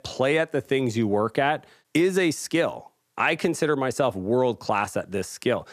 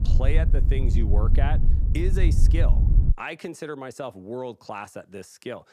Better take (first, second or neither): first